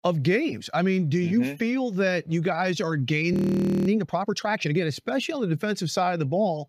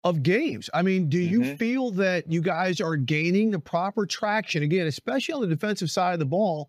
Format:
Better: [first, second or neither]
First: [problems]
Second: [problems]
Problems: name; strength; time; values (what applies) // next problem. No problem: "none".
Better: second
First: audio freezing; at 3.5 s for 0.5 s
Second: none